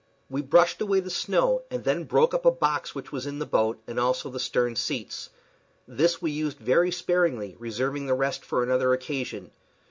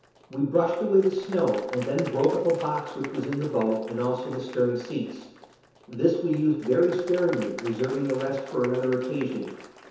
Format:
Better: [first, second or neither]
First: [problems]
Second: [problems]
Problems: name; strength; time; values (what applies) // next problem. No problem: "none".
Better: first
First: none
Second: background sound (Applause); 19 dB below the speech // room echo; dies away in 1 s